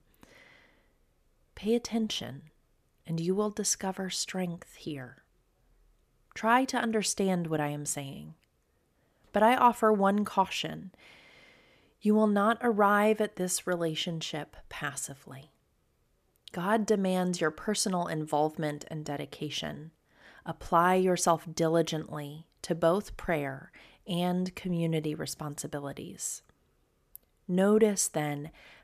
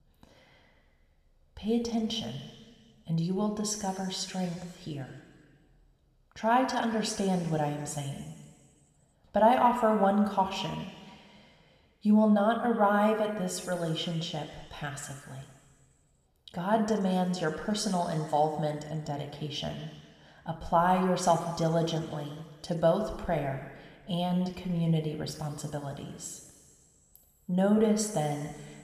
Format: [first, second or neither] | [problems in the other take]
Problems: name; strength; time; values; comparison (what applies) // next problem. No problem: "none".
first | room echo; noticeable; dies away in 1.8 s